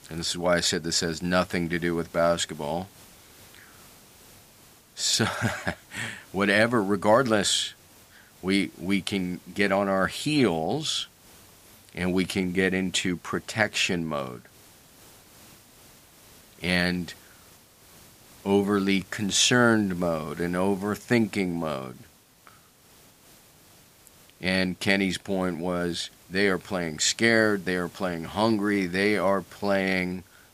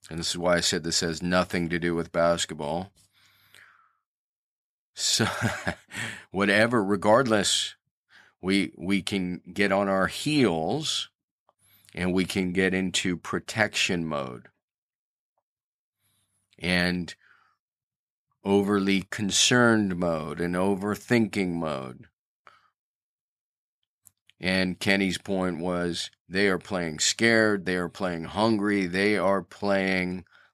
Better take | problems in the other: second | hiss; faint; throughout; 25 dB below the speech

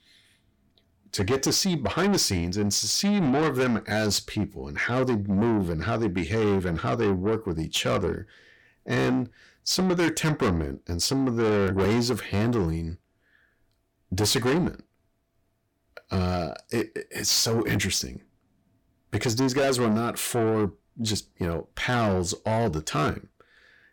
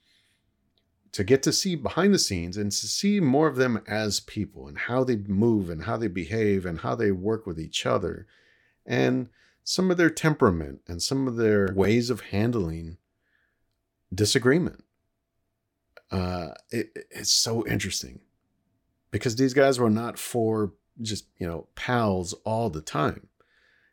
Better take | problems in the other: second | distortion; heavy; 7 dB below the speech

